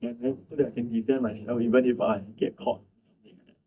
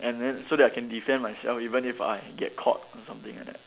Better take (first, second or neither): second